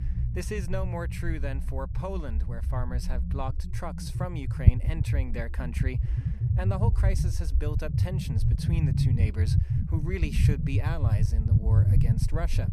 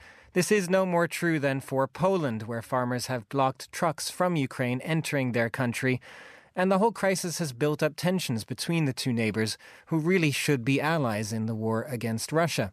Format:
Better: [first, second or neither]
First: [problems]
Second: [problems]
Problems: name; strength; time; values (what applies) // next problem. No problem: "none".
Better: second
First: low rumble; loud; throughout; 2 dB below the speech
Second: none